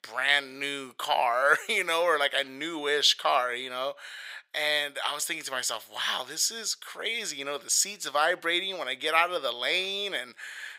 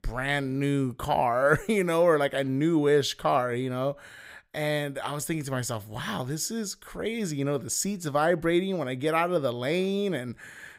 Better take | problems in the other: second | thin; very; fading below 700 Hz

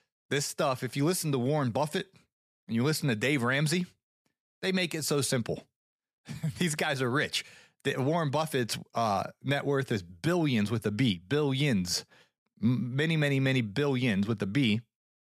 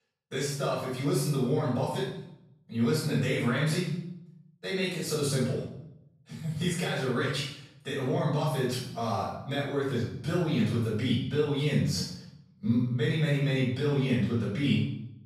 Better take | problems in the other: first | off-mic speech; far // room echo; noticeable; dies away in 0.7 s

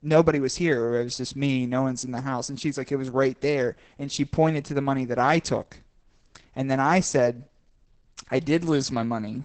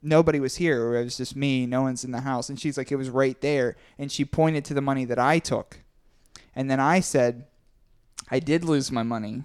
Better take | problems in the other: second | garbled, watery; badly; nothing above 8 kHz

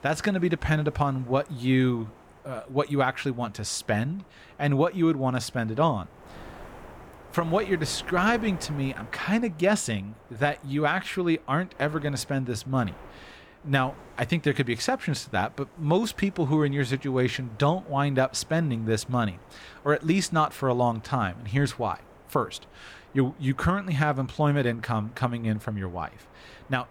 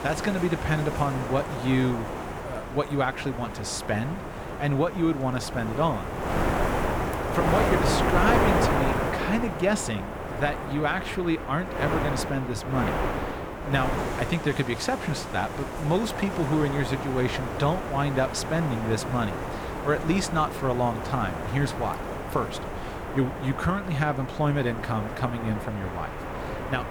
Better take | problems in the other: first | wind noise on the microphone; heavy; 2 dB below the speech; occasional gusts in the first

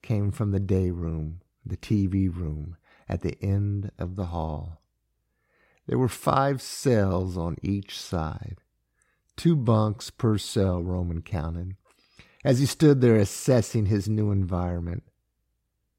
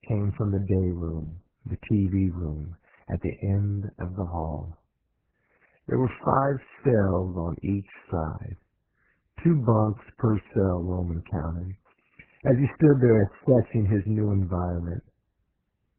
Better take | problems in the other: first | garbled, watery; badly

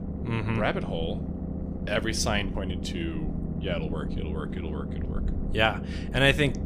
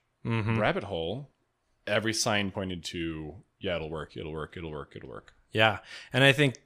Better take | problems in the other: second | low rumble; noticeable; throughout; 10 dB below the speech

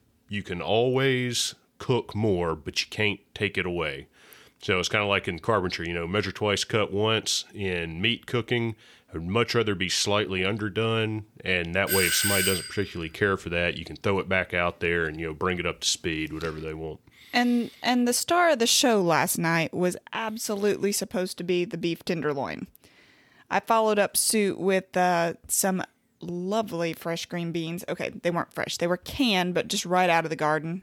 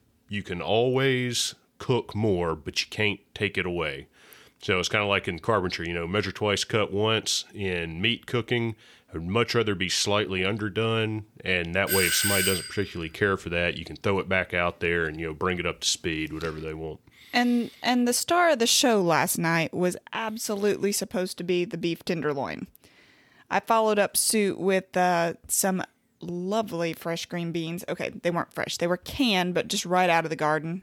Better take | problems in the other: neither | doorbell; loud; at 12 s; peak 3 dB above the speech; the same in both

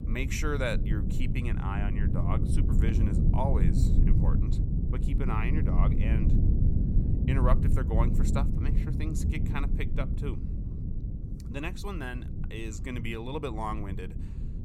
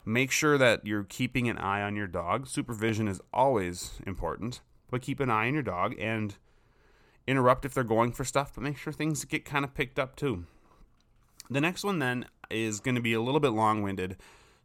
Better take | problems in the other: second | low rumble; loud; throughout; 4 dB below the speech

